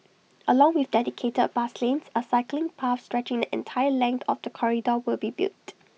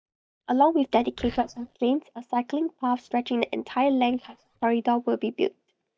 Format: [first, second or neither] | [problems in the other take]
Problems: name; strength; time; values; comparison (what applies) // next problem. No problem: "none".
first | noise reduction (neural mask model DeepFilterNet 3)